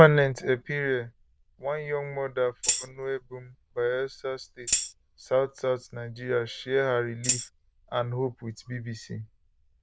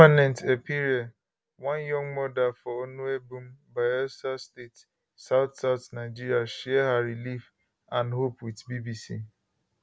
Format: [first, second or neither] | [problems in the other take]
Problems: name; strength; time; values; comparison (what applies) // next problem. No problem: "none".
second | noise reduction (neural diffusion model UNIVERSE++)